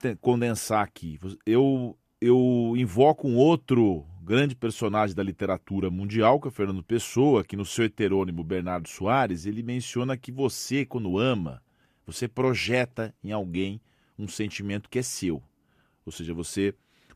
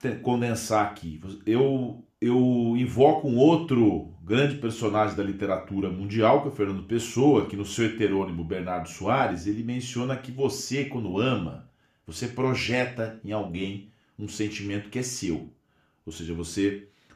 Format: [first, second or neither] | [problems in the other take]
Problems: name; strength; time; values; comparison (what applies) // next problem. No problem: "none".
first | room echo; slight; dies away in 0.4 s